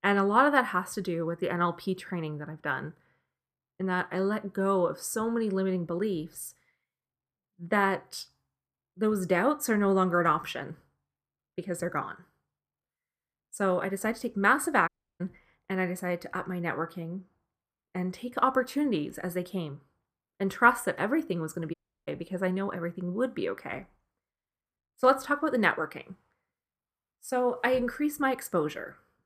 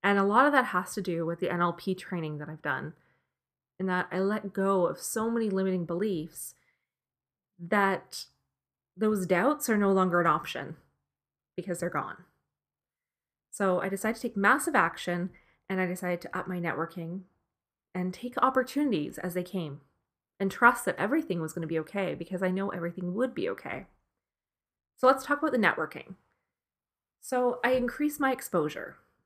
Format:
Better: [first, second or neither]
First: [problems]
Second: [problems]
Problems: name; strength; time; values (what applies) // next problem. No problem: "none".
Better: second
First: audio cutting out; at 15 s and at 22 s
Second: none